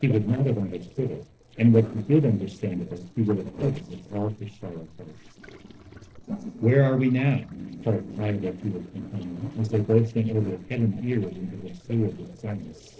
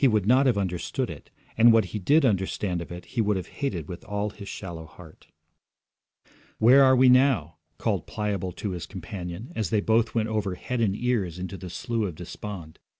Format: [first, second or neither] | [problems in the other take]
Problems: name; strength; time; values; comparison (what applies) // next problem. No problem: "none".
second | noise reduction (neural separator model SepFormer DNS4)